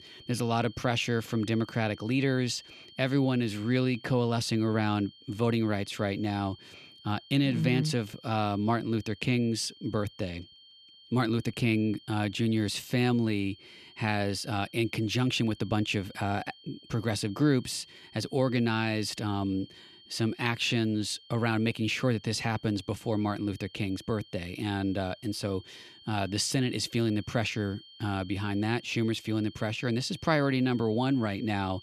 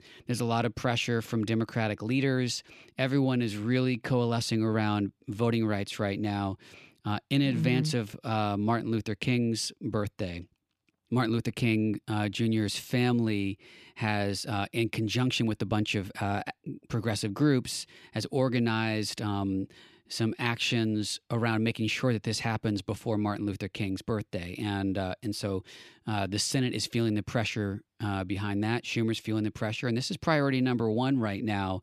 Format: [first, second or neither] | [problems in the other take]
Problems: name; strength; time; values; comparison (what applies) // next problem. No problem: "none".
second | high-pitched whine; faint; throughout; 3 kHz, 20 dB below the speech